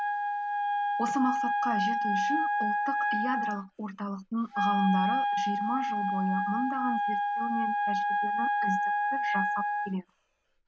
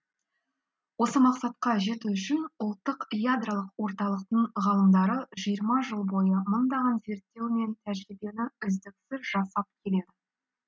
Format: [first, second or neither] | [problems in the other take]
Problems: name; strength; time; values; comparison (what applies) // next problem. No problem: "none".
second | background sound (Wind instrument, woodwind instrument); 5 dB above the speech